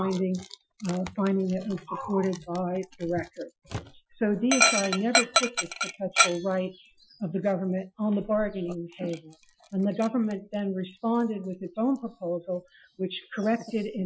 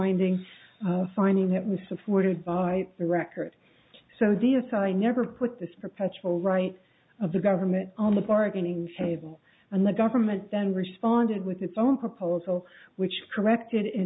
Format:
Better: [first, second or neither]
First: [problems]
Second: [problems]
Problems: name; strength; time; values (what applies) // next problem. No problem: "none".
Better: second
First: noise reduction (classical method Wiener filter)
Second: none